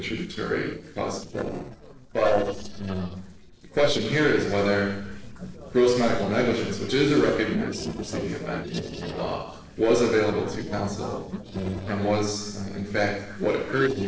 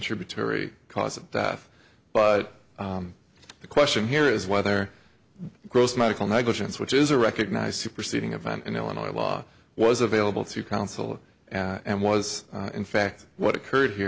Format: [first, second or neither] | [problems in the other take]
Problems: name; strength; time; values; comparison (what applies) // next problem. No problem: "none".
second | noise reduction (neural separator model SepFormer DNS4)